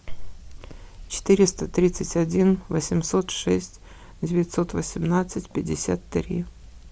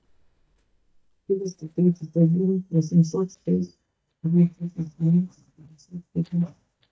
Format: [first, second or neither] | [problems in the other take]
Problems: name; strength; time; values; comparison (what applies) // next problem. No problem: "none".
first | noise reduction (neural mask model DeepFilterNet 3)